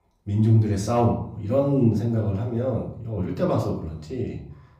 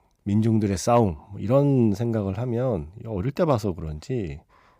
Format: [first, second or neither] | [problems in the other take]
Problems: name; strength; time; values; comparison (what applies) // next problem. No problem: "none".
second | off-mic speech; far // room echo; slight; dies away in 0.5 s